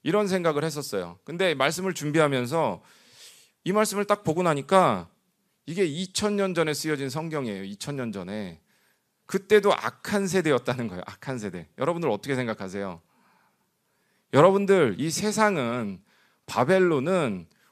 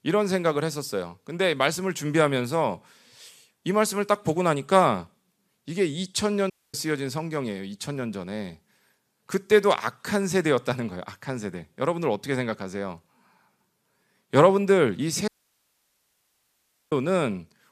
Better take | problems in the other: first | audio cutting out; at 6.5 s and at 15 s for 1.5 s

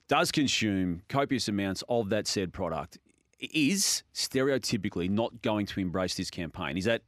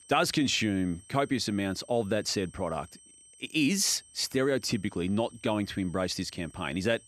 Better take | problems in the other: first | high-pitched whine; faint; throughout; 8.5 kHz, 25 dB below the speech

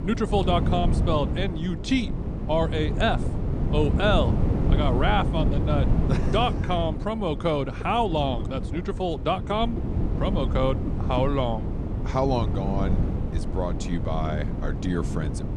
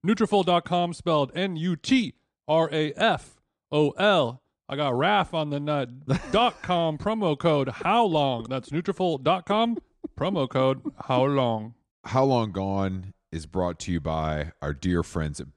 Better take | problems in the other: second | wind noise on the microphone; heavy; 9 dB below the speech

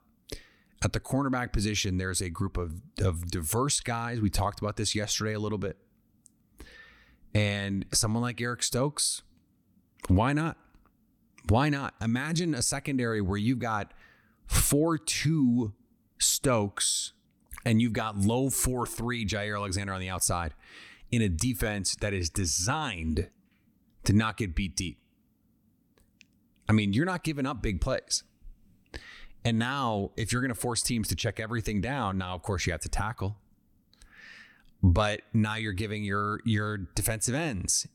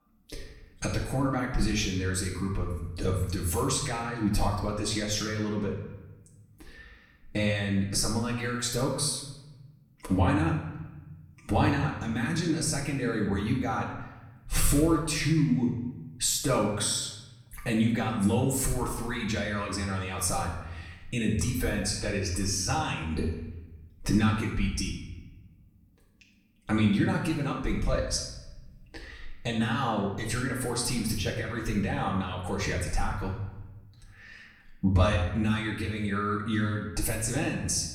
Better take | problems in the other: first | off-mic speech; far // room echo; noticeable; dies away in 0.9 s

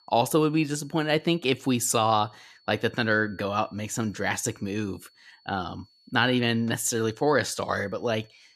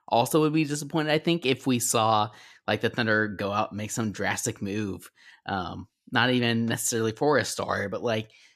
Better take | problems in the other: second | high-pitched whine; faint; throughout; 4.5 kHz, 30 dB below the speech

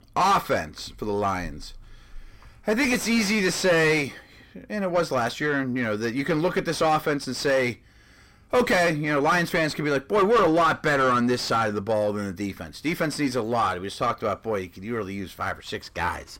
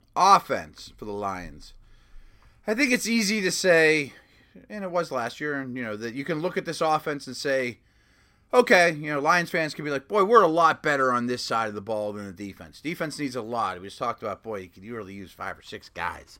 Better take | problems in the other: second | distortion; heavy; 5 dB below the speech

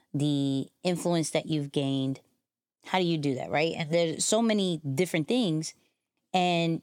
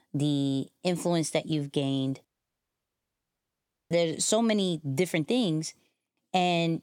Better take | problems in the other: first | audio cutting out; at 2.5 s for 1.5 s

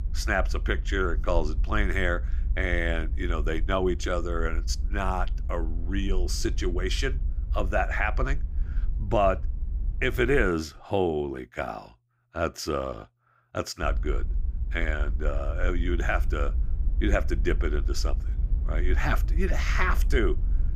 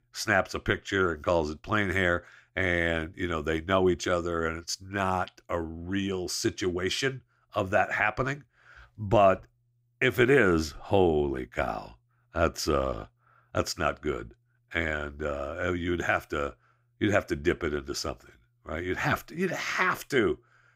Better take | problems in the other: second | low rumble; faint; until 10 s and from 14 s on; 20 dB below the speech

